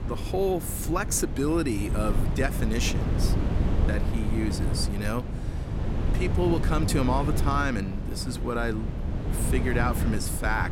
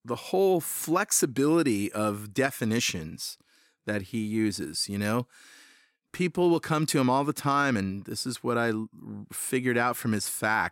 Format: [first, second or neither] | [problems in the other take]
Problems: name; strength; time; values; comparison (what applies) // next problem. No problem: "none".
second | wind noise on the microphone; heavy; 7 dB below the speech